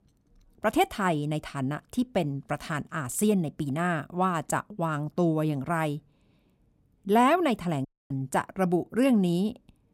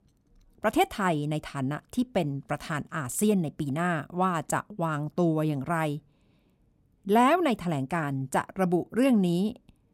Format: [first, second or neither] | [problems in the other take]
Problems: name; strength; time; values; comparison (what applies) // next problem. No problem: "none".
second | audio cutting out; at 8 s